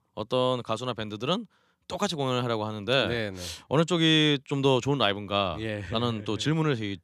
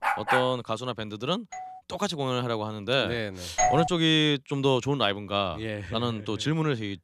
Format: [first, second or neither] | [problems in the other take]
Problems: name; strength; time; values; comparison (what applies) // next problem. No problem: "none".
first | dog barking; loud; at the start; peak 2 dB above the speech // doorbell; faint; at 1.5 s; peak 15 dB below the speech // doorbell; loud; at 3.5 s; peak 3 dB above the speech